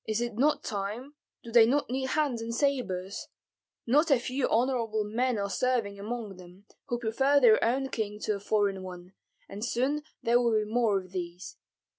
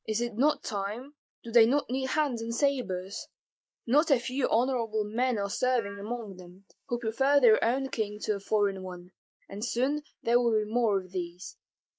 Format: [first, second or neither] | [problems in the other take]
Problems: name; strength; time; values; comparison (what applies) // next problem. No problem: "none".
first | noise reduction (neural mask model Resemble Enhance denoiser)